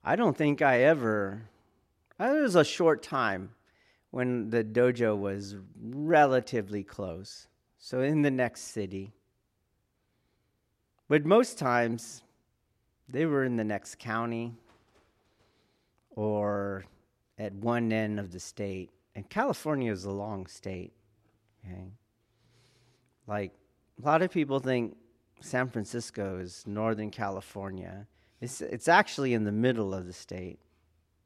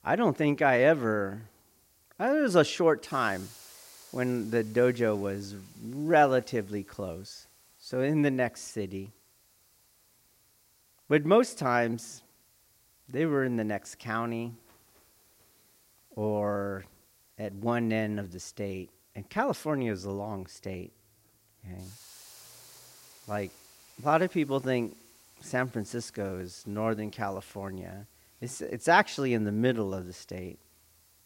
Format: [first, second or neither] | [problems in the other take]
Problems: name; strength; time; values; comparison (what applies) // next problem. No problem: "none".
first | hiss; faint; throughout; 25 dB below the speech